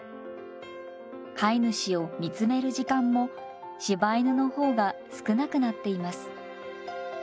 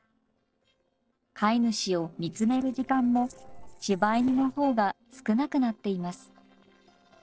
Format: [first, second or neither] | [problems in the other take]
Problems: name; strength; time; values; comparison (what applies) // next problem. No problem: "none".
first | noise reduction (neural separator model SepFormer DNS4)